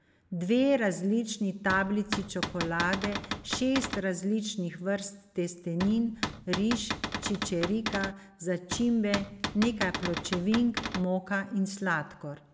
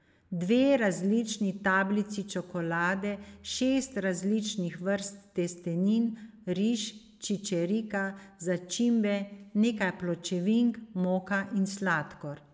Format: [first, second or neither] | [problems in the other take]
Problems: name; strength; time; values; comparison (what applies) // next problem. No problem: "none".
second | background sound (Cupboard open or close / Door); 6 dB below the speech